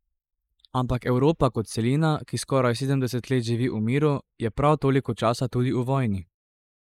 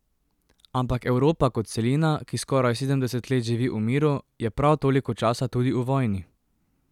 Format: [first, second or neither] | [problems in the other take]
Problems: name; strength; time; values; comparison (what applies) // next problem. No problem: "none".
second | noise reduction (neural mask model Resemble Enhance denoiser)